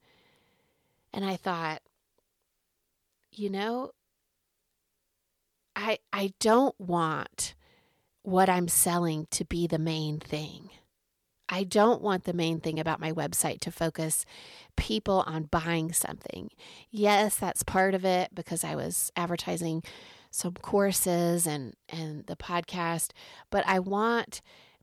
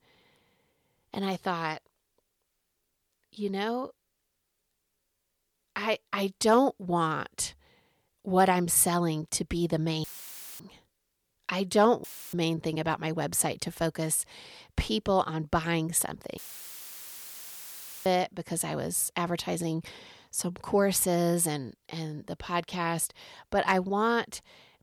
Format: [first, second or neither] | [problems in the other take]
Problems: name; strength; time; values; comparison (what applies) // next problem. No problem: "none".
first | audio cutting out; filled with static; at 10 s for 0.5 s, at 12 s and at 16 s for 1.5 s